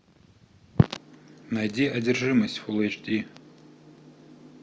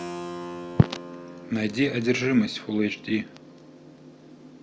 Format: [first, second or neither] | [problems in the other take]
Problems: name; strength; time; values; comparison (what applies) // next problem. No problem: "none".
first | background sound (Keyboard (musical)); 13 dB below the speech